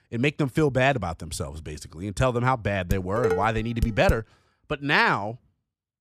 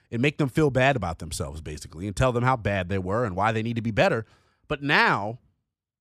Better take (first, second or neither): second